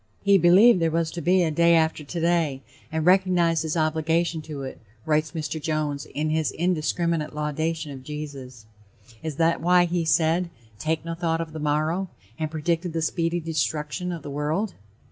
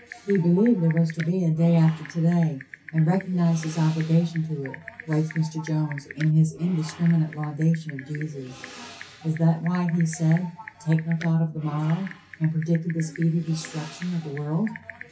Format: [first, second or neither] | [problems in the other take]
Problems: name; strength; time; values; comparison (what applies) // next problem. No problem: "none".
first | background sound (Typing); 18 dB below the speech // room echo; dies away in 0.3 s